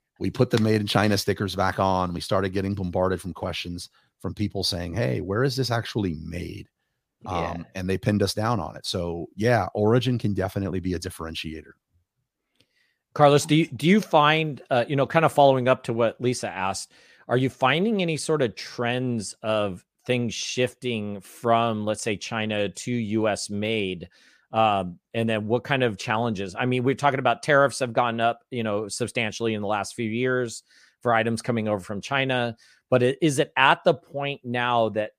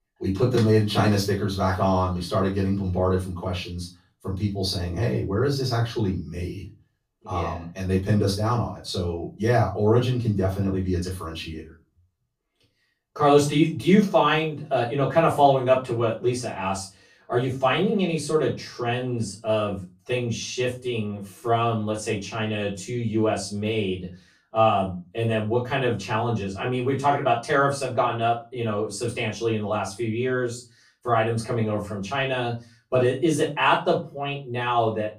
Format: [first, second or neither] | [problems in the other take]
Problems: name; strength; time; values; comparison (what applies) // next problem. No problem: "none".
first | off-mic speech; far // room echo; slight; dies away in 0.3 s